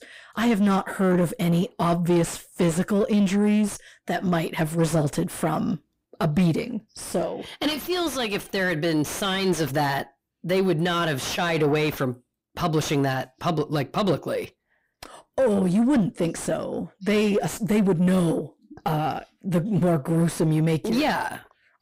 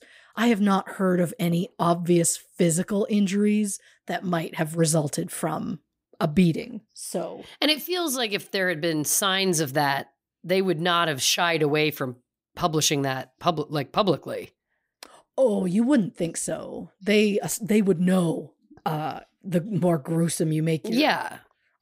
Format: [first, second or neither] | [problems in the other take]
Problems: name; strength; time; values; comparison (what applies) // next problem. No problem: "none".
second | distortion; heavy; 7 dB below the speech